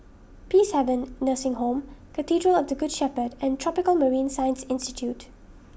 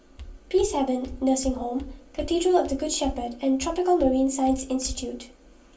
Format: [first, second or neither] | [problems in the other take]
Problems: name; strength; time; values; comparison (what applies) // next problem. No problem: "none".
first | background sound (Walk, footsteps); 14 dB below the speech // room echo; dies away in 0.3 s